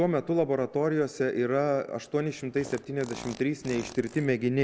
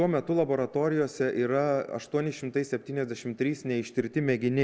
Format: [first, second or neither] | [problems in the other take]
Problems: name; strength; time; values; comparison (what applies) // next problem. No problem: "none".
second | background sound (Fart); 18 dB below the speech